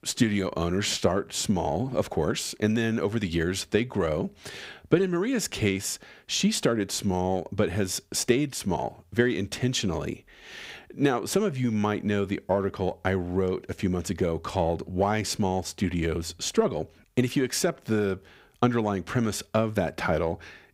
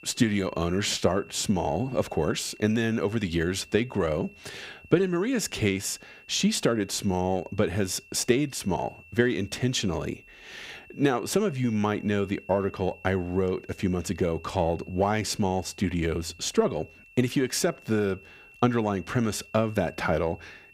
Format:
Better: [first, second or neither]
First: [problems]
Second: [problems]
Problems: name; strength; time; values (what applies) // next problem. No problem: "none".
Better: first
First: none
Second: high-pitched whine; faint; throughout; 2.5 kHz, 25 dB below the speech